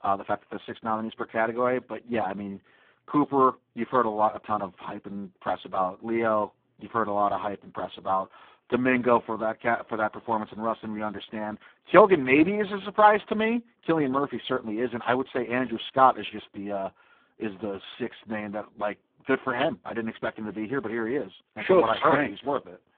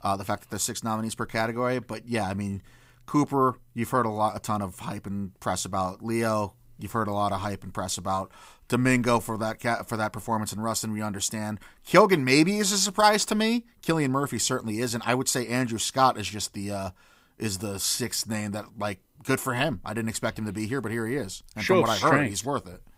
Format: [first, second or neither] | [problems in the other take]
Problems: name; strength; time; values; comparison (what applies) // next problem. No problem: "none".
second | phone-call audio; poor line